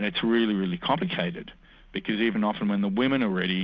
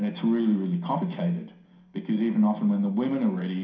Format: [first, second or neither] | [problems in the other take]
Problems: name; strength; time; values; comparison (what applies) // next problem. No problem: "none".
first | room echo; dies away in 0.5 s